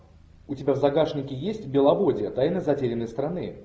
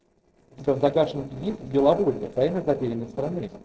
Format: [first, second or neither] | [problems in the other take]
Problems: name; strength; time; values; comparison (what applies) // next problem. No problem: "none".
first | noise reduction (neural separator model SepFormer DNS4)